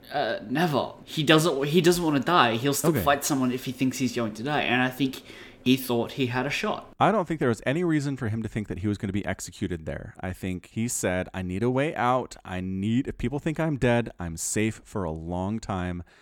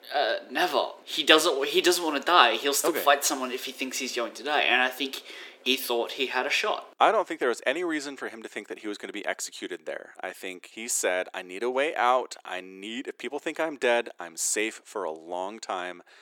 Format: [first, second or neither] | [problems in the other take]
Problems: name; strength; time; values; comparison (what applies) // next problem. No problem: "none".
first | thin; very; fading below 350 Hz